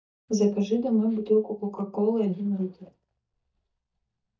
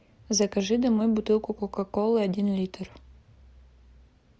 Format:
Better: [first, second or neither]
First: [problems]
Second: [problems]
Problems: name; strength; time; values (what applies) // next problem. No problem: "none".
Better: second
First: noise reduction (neural mask model DeepFilterNet 3)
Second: none